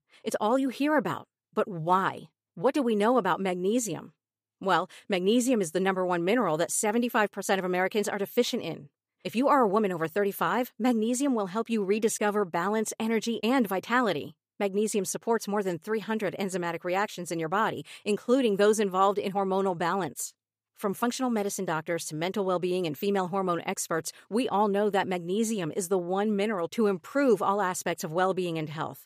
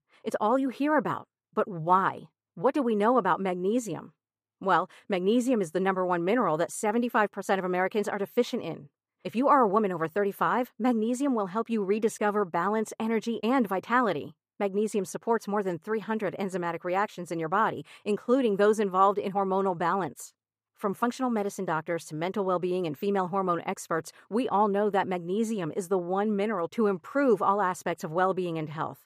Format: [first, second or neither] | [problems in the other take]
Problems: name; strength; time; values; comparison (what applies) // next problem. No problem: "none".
first | muffled; slightly; fading above 2.5 kHz